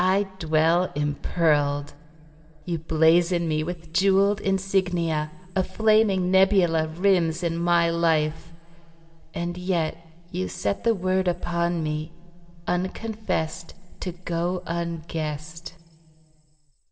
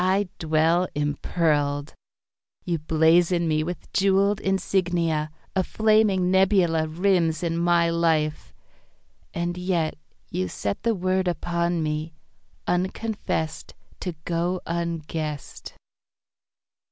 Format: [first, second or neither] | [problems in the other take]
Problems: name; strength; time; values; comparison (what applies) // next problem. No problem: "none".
second | room echo; dies away in 2.1 s